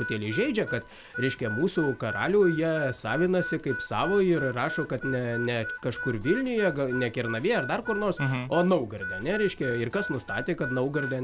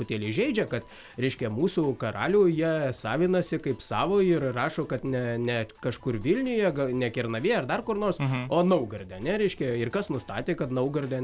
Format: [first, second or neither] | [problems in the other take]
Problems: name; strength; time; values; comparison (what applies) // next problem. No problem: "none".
second | background sound (Harmonica); 10 dB below the speech